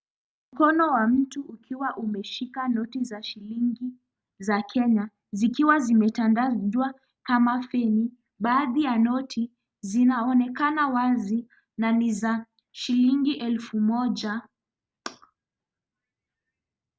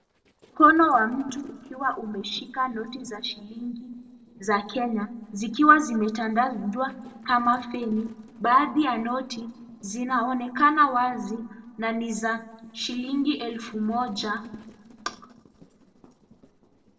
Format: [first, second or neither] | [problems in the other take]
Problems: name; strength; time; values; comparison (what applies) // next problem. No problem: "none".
first | noise reduction (neural separator model SepFormer DNS4)